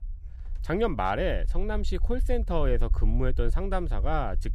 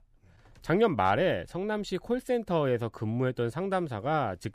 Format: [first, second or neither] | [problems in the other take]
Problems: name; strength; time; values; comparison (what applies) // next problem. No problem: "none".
second | low rumble; faint; throughout; 25 dB below the speech